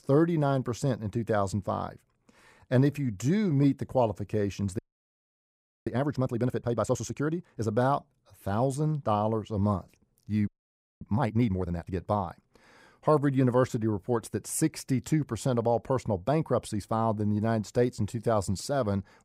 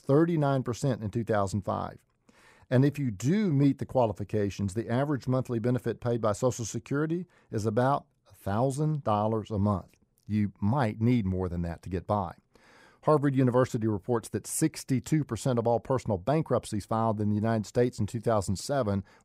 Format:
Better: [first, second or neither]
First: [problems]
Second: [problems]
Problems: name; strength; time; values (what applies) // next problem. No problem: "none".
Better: second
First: audio freezing; at 5 s for 1 s and at 10 s for 0.5 s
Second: none